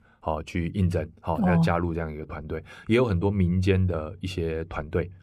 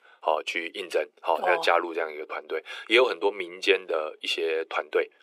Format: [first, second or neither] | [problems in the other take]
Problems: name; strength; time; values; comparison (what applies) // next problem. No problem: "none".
first | thin; very; fading below 400 Hz